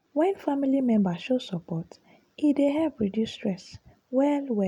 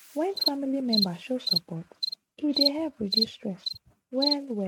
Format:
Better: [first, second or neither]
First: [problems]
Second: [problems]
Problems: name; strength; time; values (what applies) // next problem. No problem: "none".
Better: first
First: none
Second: noise reduction (neural mask model RNNoise)